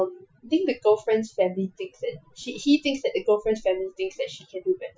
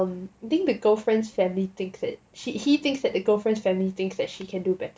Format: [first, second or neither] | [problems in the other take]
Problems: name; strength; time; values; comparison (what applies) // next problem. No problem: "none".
second | noise reduction (classical method Wiener filter)